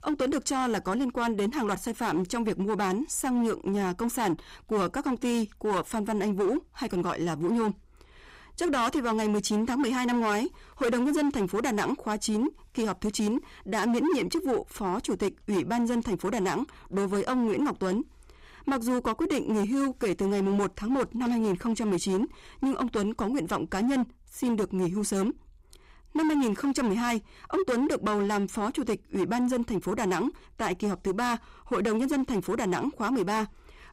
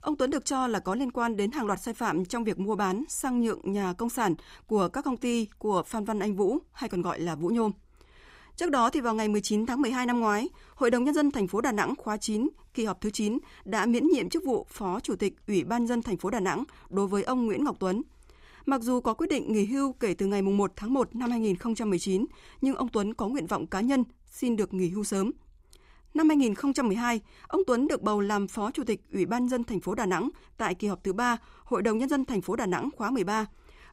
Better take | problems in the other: second | distortion; slight; 13% of the sound clipped

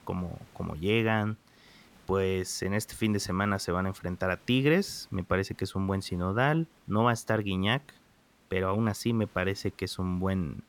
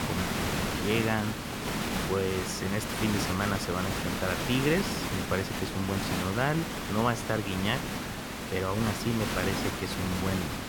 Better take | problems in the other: first | hiss; loud; throughout; 1 dB below the speech; faint in the first

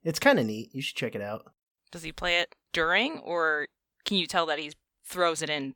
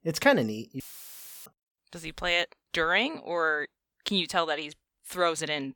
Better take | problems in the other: first | audio cutting out; filled with static; at 1 s for 0.5 s

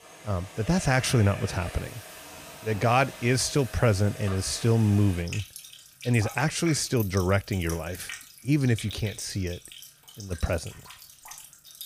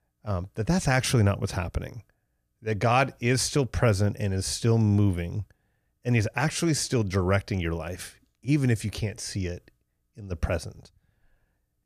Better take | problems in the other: second | household noises; noticeable; throughout; 15 dB below the speech

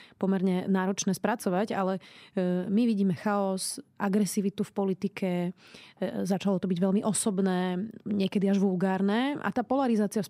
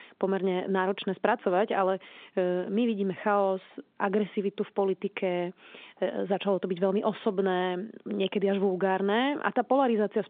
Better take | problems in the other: first | phone-call audio

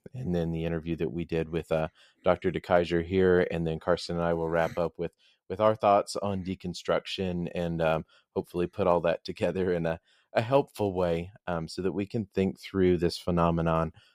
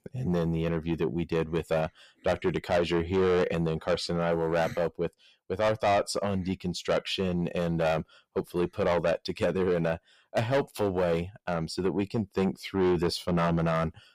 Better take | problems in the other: first | distortion; heavy; 7 dB below the speech

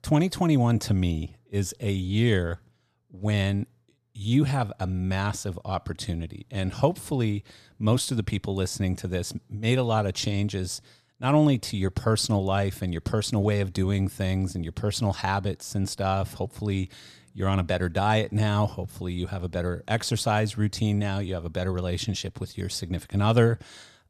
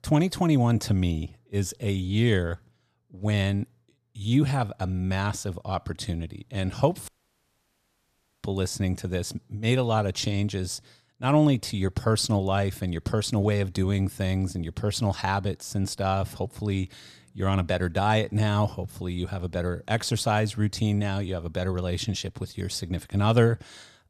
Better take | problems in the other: first | audio cutting out; at 7 s for 1.5 s

